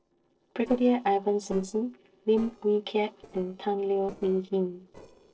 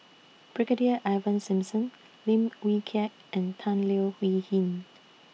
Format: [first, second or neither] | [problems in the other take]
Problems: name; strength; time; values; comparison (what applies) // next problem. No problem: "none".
second | noise reduction (neural separator model SepFormer DNS4)